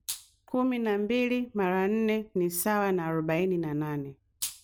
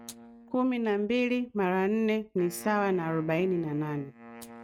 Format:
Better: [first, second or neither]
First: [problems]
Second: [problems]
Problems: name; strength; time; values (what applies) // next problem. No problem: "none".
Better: first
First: none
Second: noise reduction (neural mask model RNNoise)